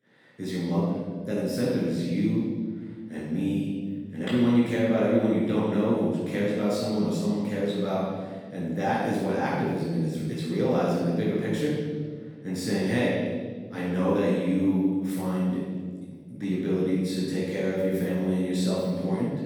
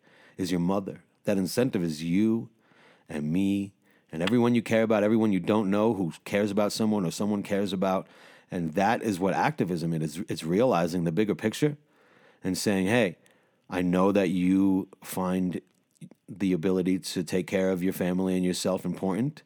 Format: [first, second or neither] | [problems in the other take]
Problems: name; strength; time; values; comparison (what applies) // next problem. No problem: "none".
second | off-mic speech; far // room echo; strong; dies away in 1.7 s